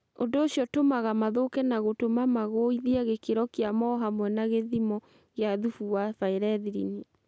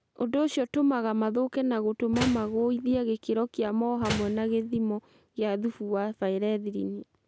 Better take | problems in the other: first | background sound (Slam); 10 dB below the speech

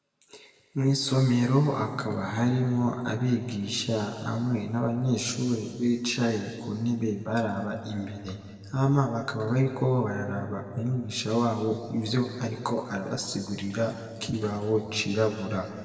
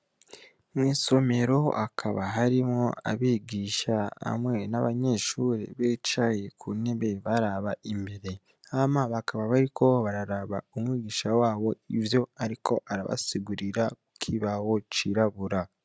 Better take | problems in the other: second | room echo; dies away in 2.2 s

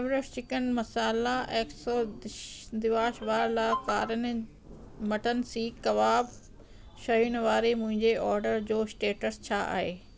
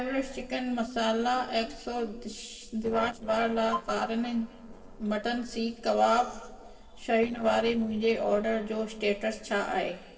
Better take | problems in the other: first | noise reduction (neural separator model SepFormer DNS4)

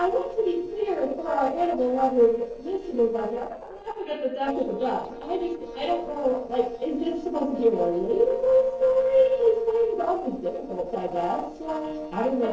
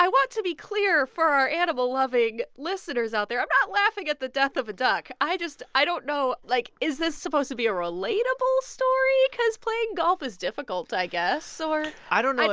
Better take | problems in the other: second | noise reduction (neural separator model SepFormer DNS4)

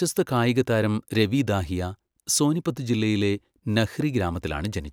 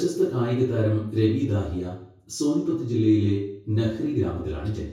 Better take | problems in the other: first | room echo; dies away in 0.6 s

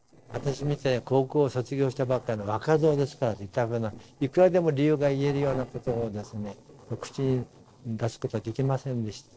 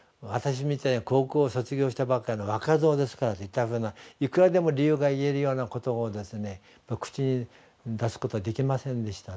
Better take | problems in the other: second | noise reduction (neural separator model SepFormer DNS4)

